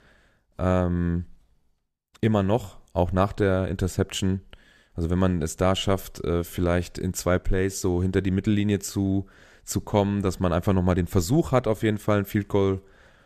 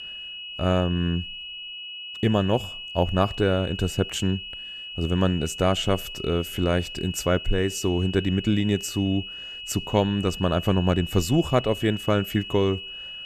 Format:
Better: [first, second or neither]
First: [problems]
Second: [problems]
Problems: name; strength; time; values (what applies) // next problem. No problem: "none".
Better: first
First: none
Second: high-pitched whine; loud; throughout; 3 kHz, 10 dB below the speech